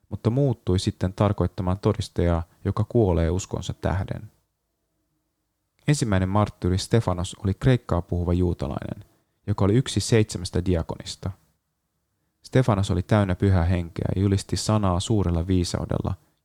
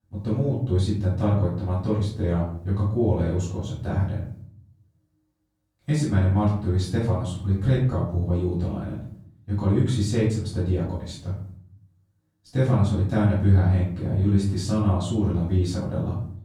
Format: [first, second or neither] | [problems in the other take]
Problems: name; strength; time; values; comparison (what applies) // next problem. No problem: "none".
first | off-mic speech; far // room echo; noticeable; dies away in 0.7 s